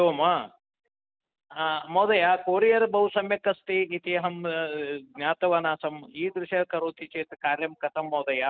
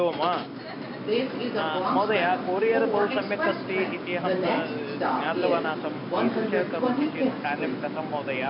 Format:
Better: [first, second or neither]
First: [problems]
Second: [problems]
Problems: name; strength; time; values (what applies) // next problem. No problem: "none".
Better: first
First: none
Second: background sound (Subway, metro, underground); 1 dB above the speech